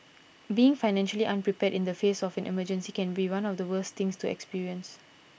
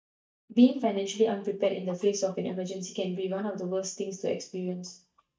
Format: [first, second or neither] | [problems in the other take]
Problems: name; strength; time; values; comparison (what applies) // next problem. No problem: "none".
first | noise reduction (neural mask model DeepFilterNet 3)